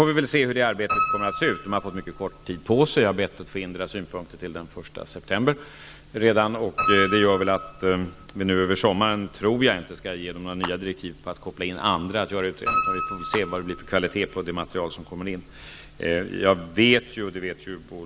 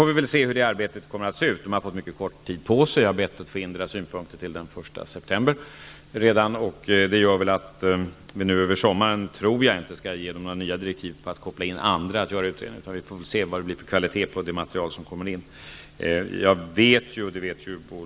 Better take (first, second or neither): second